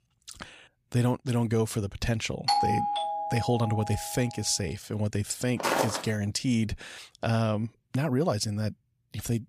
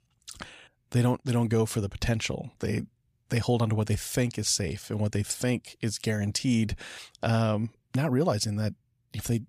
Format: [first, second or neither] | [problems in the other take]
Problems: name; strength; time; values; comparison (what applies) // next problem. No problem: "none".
second | doorbell; loud; from 2.5 to 4 s; peak 4 dB above the speech // footsteps; loud; at 5.5 s; peak 2 dB above the speech